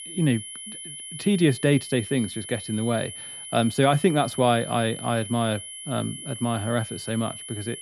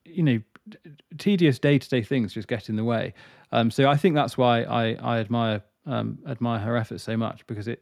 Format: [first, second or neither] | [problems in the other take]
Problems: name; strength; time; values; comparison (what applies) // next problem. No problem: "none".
second | high-pitched whine; noticeable; throughout; 3 kHz, 10 dB below the speech